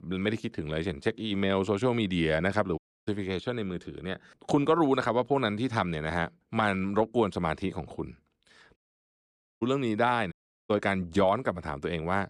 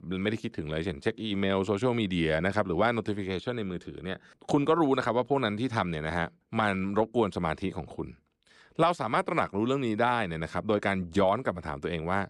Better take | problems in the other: second | audio cutting out; at 3 s, at 9 s for 1 s and at 10 s

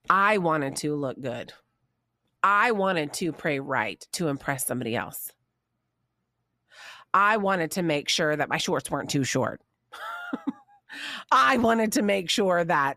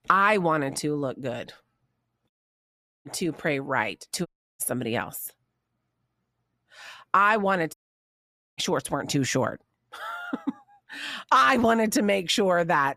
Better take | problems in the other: first | audio cutting out; at 2.5 s for 1 s, at 4.5 s and at 7.5 s for 1 s

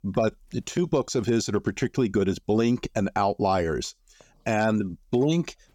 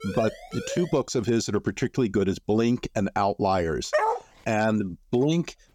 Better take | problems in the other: first | siren; faint; at the start; peak 10 dB below the speech // dog barking; loud; at 4 s; peak 1 dB above the speech

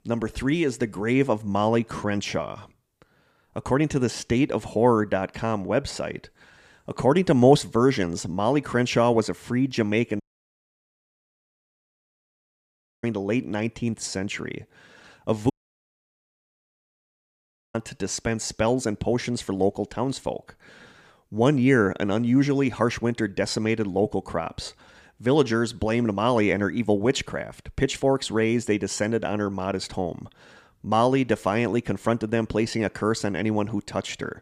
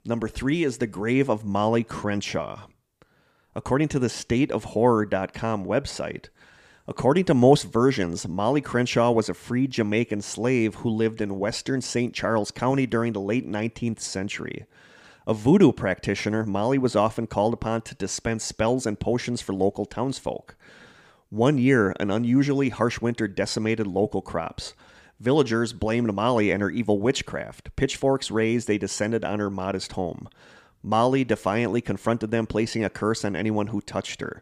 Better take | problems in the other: second | audio cutting out; at 10 s for 3 s and at 16 s for 2 s

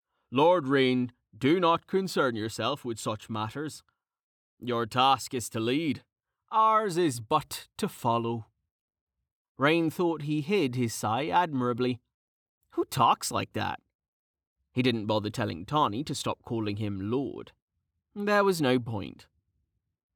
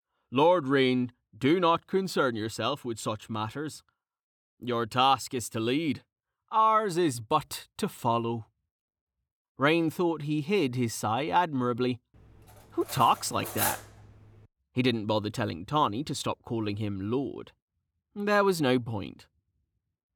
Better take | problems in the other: first | clattering dishes; noticeable; at 13 s; peak 1 dB below the speech

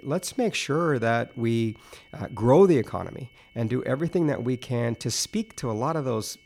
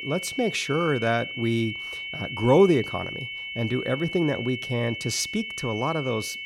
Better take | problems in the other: first | high-pitched whine; loud; throughout; 2 kHz, 7 dB below the speech; faint in the first

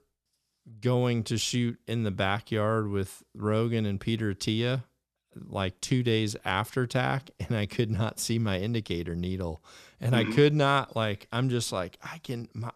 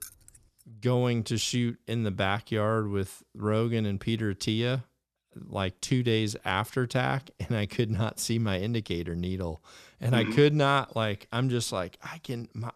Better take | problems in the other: first | jangling keys; faint; at the start; peak 15 dB below the speech

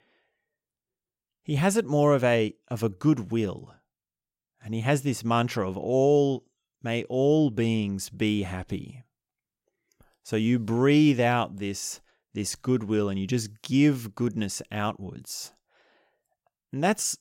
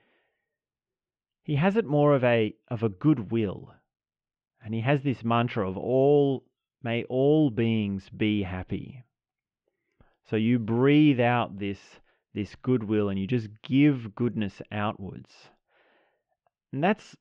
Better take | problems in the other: first | muffled; very; fading above 3 kHz

